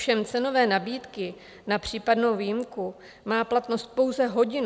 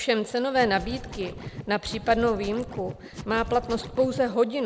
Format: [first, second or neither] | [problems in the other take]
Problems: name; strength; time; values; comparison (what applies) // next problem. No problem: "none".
first | background sound (Scratching (performance technique)); 12 dB below the speech